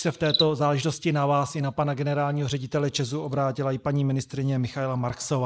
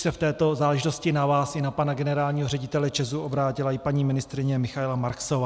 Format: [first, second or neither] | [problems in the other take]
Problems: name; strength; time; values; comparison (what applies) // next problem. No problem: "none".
second | noise reduction (neural mask model Resemble Enhance denoiser)